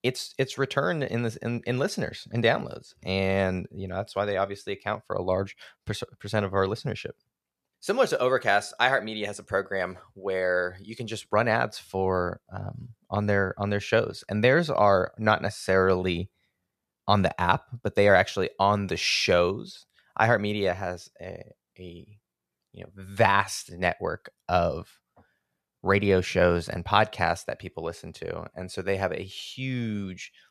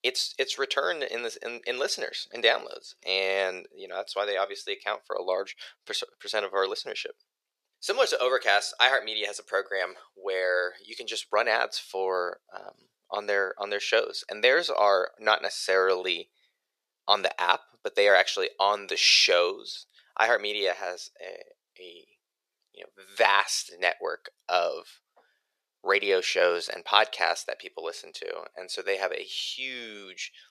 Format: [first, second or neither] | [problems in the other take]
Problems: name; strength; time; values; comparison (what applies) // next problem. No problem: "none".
first | thin; very; fading below 400 Hz